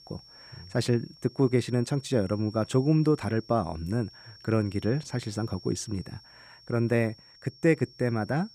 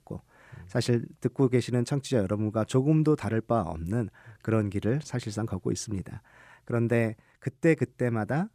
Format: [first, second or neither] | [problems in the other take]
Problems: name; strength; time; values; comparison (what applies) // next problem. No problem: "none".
second | high-pitched whine; faint; throughout; 5.5 kHz, 20 dB below the speech